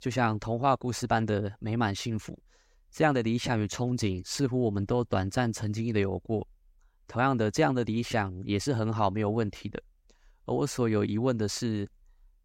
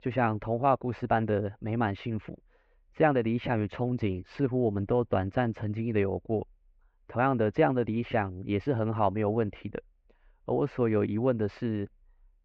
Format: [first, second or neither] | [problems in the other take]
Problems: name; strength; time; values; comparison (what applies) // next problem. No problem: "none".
first | muffled; very; fading above 2.5 kHz